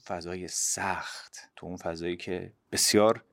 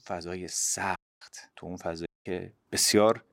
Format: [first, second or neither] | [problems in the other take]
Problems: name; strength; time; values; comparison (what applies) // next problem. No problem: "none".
first | audio cutting out; at 1 s and at 2 s